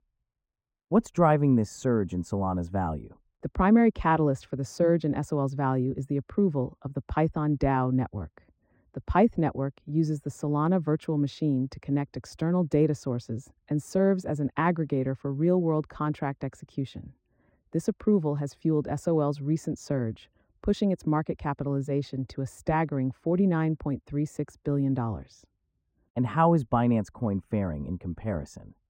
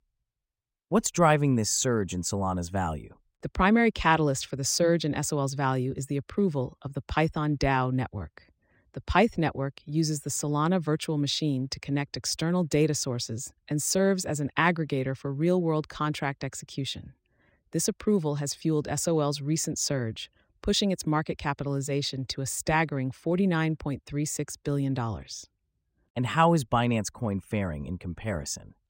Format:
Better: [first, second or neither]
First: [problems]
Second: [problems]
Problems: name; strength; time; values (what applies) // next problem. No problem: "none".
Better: second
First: muffled; very; fading above 2 kHz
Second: none